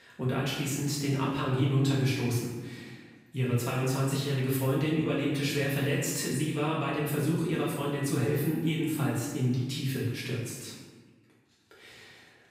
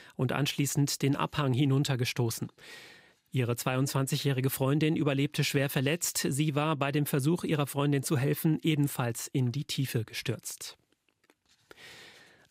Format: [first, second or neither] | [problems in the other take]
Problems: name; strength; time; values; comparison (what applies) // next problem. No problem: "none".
second | off-mic speech; far // room echo; noticeable; dies away in 1.1 s